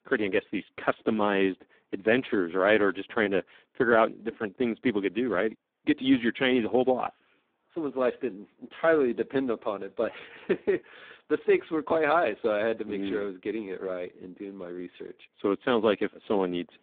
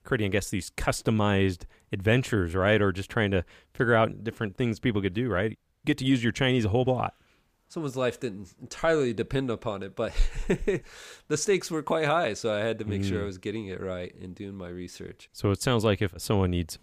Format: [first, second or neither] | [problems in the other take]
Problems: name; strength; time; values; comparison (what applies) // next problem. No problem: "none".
second | phone-call audio; poor line